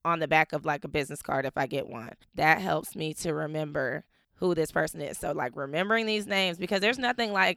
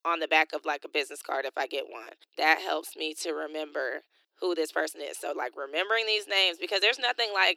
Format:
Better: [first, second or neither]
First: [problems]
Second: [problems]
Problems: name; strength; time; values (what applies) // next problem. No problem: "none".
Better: first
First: none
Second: thin; very; fading below 300 Hz